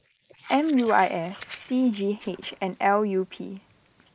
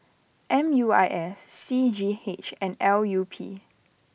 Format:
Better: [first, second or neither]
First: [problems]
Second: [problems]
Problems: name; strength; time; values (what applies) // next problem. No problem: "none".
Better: second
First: noise reduction (neural mask model Resemble Enhance denoiser)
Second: none